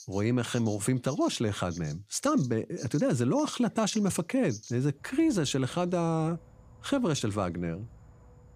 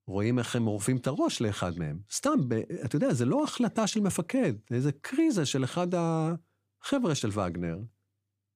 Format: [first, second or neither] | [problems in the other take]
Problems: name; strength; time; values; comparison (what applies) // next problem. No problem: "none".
second | animal sounds; faint; throughout; 20 dB below the speech